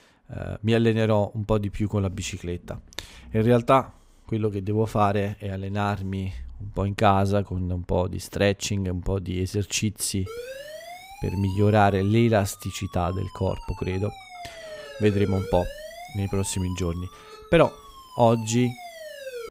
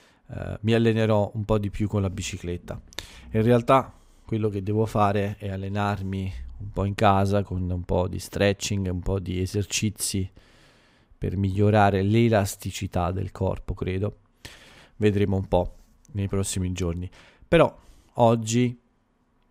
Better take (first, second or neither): second